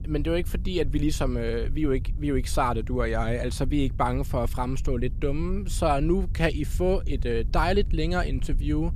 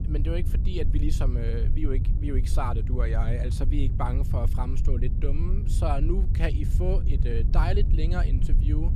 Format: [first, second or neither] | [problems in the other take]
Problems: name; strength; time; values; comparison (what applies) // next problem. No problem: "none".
first | low rumble; loud; throughout; 8 dB below the speech; faint in the first